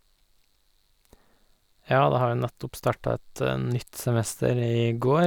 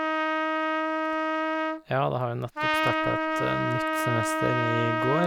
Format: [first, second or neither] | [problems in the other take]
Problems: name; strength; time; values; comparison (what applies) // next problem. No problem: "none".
first | background sound (Trumpet); 4 dB above the speech